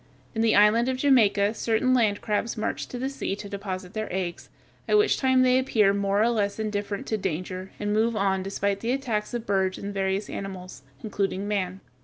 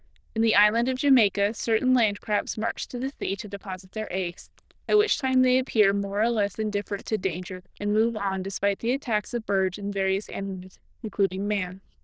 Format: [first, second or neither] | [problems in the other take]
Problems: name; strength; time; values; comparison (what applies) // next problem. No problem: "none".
first | noise reduction (neural diffusion model UNIVERSE++)